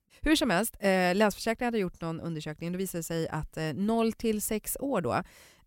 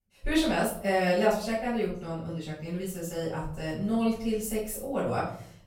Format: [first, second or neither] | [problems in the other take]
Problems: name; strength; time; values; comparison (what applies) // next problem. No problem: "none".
first | off-mic speech; far // room echo; noticeable; dies away in 0.5 s